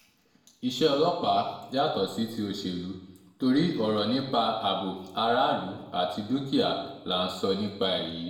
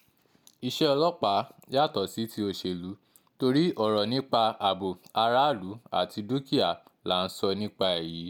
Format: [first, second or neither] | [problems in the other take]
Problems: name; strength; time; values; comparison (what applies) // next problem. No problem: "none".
second | room echo; dies away in 0.9 s